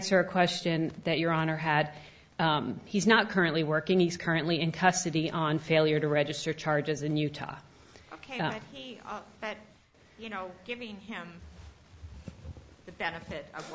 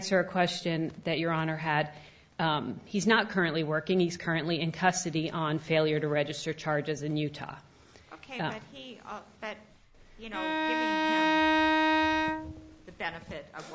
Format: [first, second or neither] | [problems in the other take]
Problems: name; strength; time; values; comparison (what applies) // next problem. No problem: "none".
first | background sound (Bowed string instrument); 3 dB above the speech